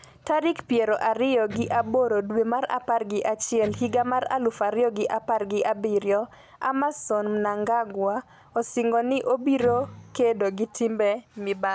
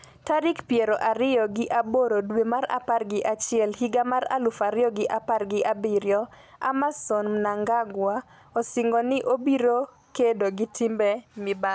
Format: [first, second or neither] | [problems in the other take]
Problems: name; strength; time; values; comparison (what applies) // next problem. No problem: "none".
second | background sound (Electric guitar); 16 dB below the speech